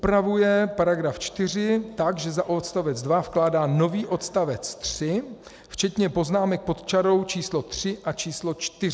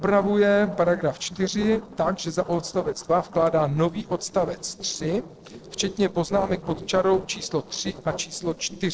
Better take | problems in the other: first | noise reduction (neural separator model SepFormer DNS4)

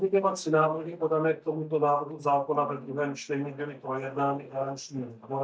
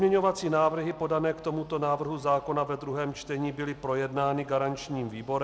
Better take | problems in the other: second | noise reduction (neural mask model DeepFilterNet 3)

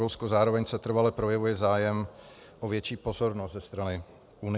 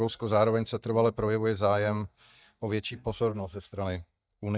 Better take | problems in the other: first | noise reduction (neural mask model DeepFilterNet 3)

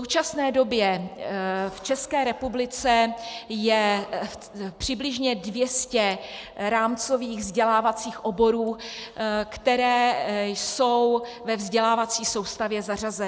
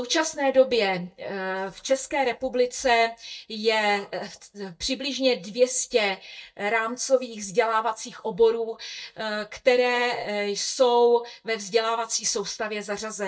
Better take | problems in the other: first | noise reduction (neural mask model DeepFilterNet 3)

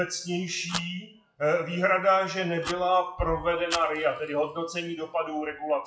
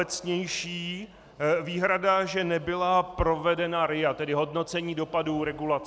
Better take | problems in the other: second | noise reduction (classical method WPE with log-MMSE)

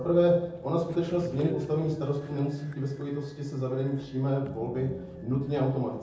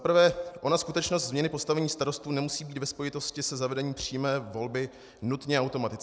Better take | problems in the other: second | background sound (Train); 16 dB below the speech // room echo; dies away in 0.7 s

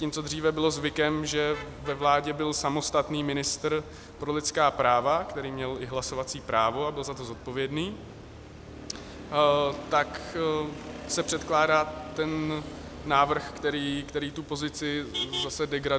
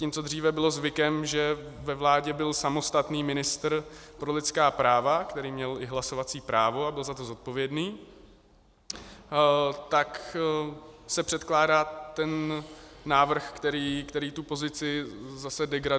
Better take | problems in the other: second | background sound (Motor vehicle (road)); 14 dB below the speech

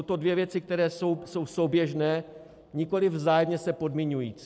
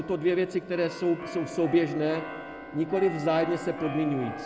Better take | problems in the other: first | background sound (Keyboard (musical)); 11 dB below the speech // room echo; dies away in 0.7 s

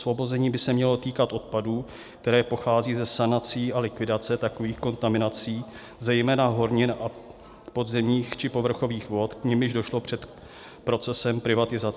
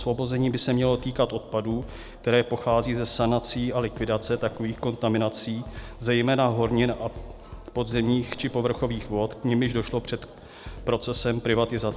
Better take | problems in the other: first | background sound (Drum kit); 16 dB below the speech

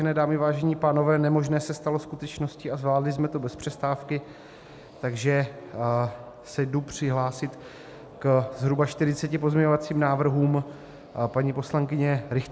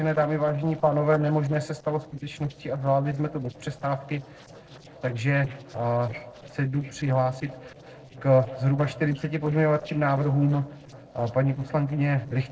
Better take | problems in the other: first | noise reduction (neural separator model SepFormer DNS4)

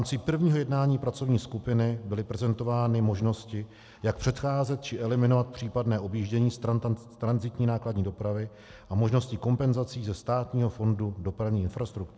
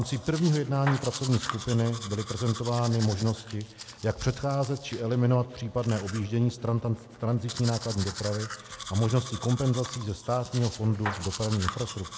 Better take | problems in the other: first | background sound (Domestic sounds, home sounds); 12 dB below the speech

